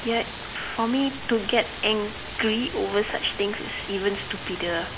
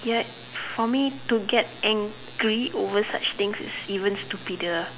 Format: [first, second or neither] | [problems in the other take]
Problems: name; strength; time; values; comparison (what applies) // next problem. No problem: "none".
second | background sound (Stream); 11 dB below the speech